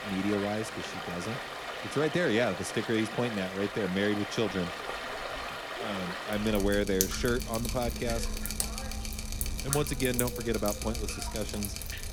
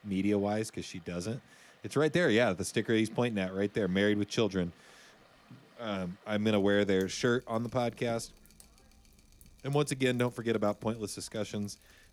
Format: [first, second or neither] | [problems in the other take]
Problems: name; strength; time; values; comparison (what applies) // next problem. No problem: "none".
second | rain or running water; loud; throughout; 4 dB below the speech; faint in the second